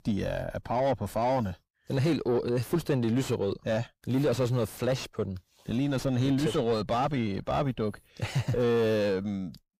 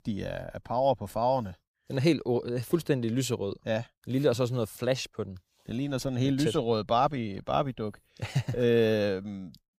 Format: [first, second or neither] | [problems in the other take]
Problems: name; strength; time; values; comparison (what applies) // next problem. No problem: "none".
second | distortion; heavy; 8 dB below the speech